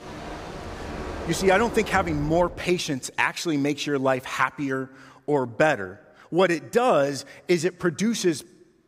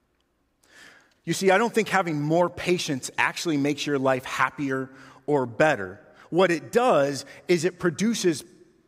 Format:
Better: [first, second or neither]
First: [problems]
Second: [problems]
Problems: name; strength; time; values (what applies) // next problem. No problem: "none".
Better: second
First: rain or running water; noticeable; until 2 s; 10 dB below the speech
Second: none